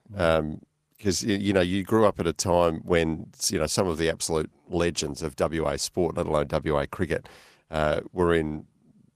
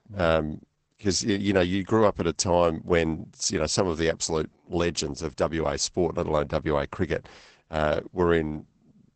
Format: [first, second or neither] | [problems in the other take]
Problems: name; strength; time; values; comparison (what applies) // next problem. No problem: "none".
first | garbled, watery; badly; nothing above 8 kHz; slightly in the first